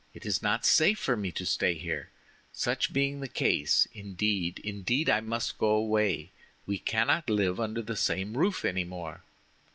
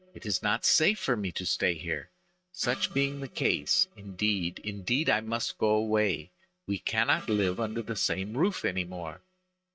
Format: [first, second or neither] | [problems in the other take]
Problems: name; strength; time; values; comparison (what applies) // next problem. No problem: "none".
first | noise reduction (neural mask model RNNoise)